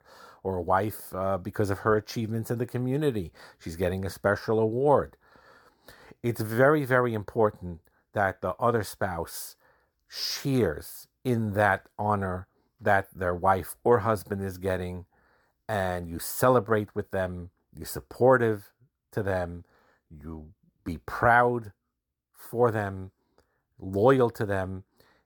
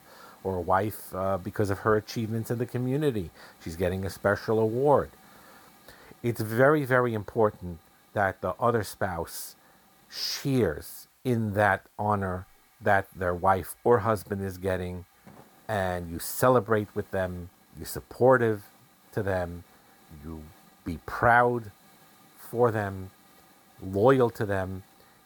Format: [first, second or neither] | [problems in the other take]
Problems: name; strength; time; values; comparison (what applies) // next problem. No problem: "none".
first | hiss; faint; throughout; 30 dB below the speech